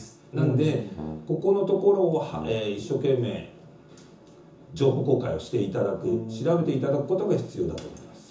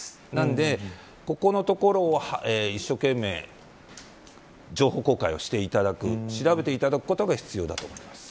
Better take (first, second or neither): second